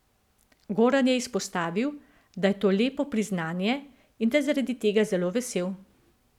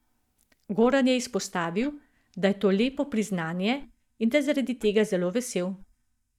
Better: first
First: none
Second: noise reduction (neural mask model DeepFilterNet 3)

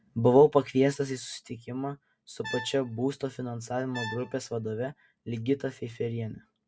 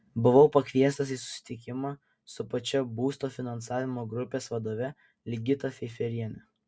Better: second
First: background sound (Brass instrument); 15 dB below the speech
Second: none

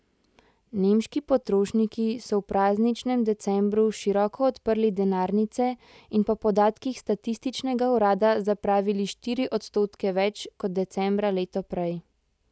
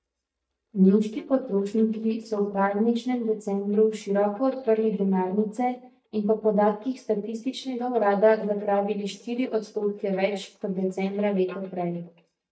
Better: first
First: none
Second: noise reduction (neural mask model DeepFilterNet 3)

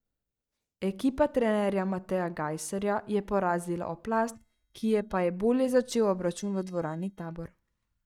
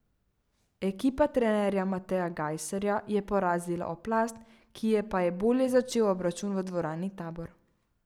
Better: second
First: noise reduction (neural mask model DeepFilterNet 3)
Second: none

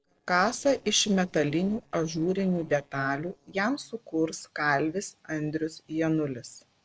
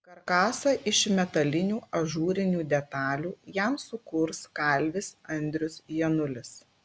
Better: second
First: noise reduction (neural separator model SepFormer DNS4)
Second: none

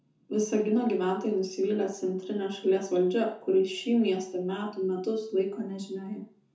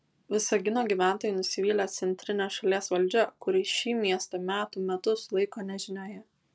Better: second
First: room echo; dies away in 0.6 s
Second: none

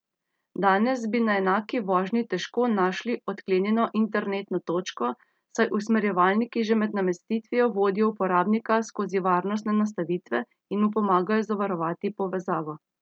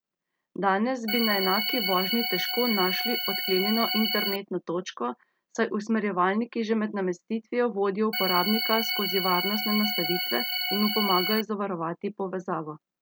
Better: first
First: none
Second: background sound (Organ); 1 dB below the speech

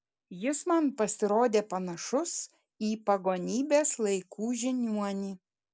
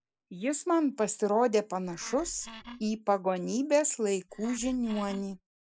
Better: first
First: none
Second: noise reduction (neural mask model Resemble Enhance denoiser)

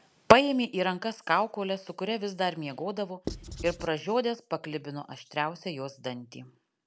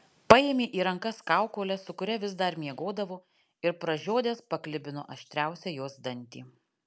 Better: second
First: background sound (Writing); 9 dB below the speech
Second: none

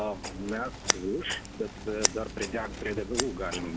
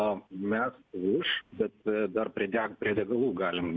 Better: second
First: background sound (Scissors); 1 dB below the speech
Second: none

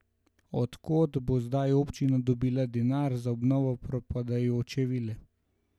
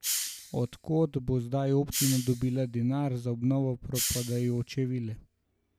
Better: first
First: none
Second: background sound (Hiss); 9 dB below the speech

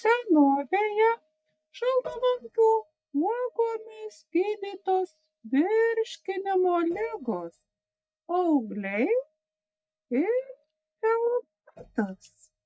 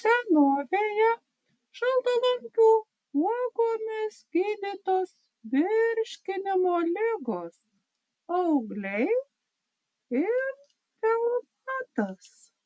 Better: second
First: noise reduction (neural mask model DeepFilterNet 3)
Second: none

